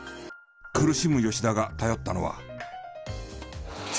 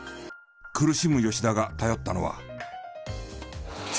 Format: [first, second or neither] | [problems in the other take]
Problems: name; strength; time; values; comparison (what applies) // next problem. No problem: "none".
second | background sound (Piano); 10 dB below the speech